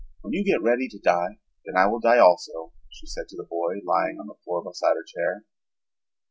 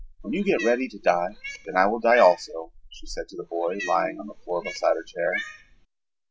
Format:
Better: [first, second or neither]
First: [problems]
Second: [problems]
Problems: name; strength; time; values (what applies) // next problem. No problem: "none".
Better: first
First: none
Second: background sound (Cat); 13 dB below the speech